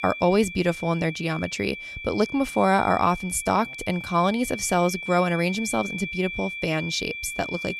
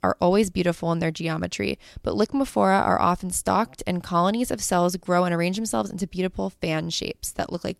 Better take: second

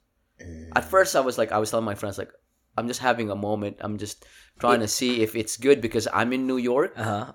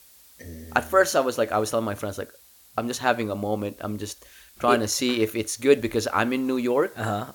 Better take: first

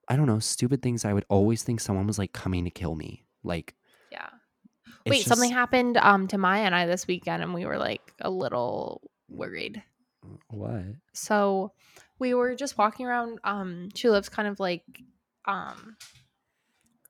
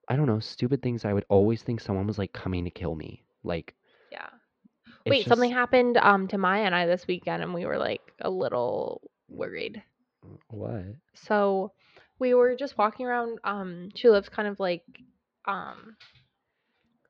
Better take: first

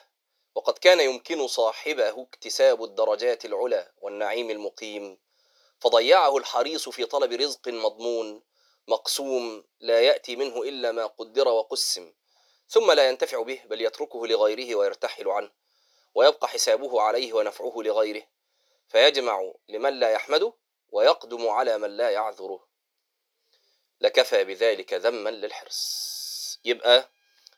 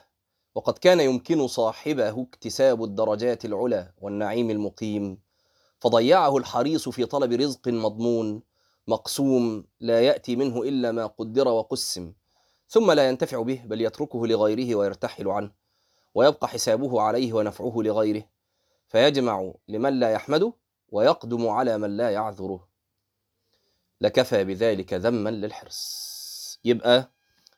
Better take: second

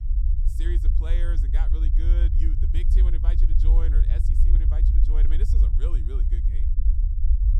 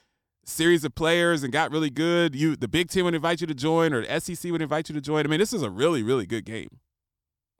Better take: second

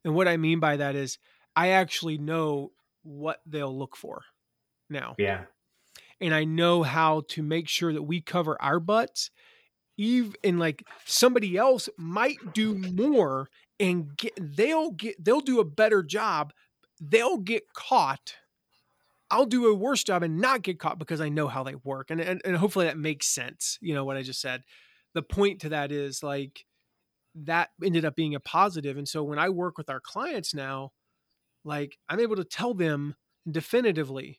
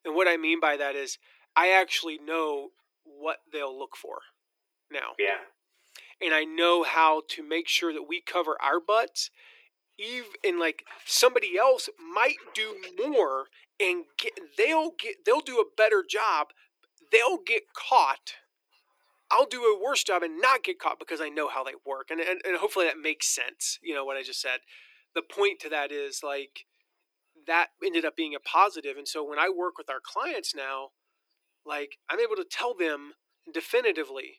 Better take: first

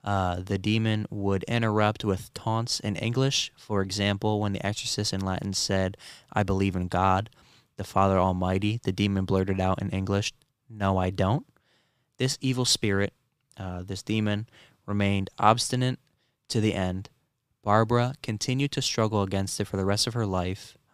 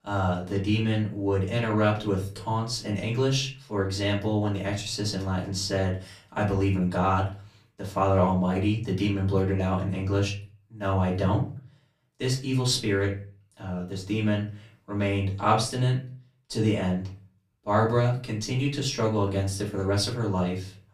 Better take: first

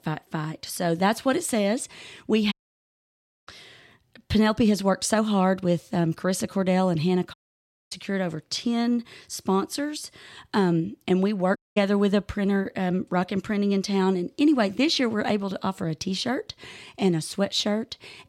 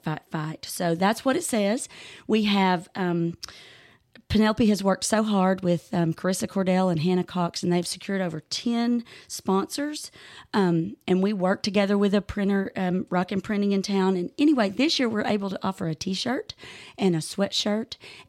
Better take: second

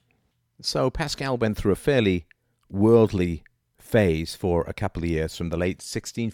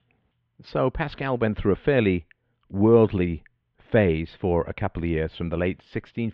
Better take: first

